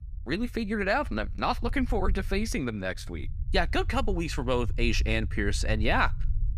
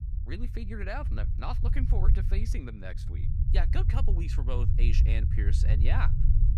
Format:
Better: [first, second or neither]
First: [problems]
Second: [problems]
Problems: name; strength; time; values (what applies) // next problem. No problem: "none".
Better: first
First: low rumble; faint; throughout; 25 dB below the speech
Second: low rumble; loud; throughout; 6 dB below the speech